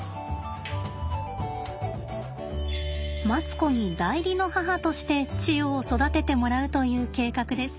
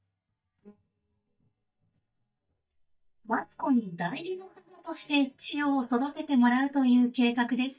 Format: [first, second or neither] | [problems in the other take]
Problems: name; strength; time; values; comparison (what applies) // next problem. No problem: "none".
first | noise reduction (neural mask model DeepFilterNet 3)